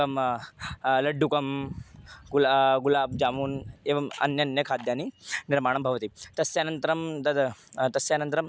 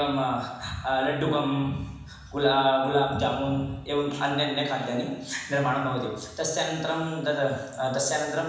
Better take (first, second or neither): first